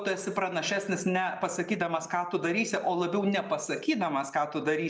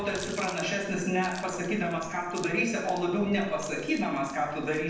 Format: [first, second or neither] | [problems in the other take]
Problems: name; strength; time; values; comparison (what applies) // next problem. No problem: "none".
first | background sound (Water tap, faucet); 17 dB below the speech // room echo; dies away in 0.9 s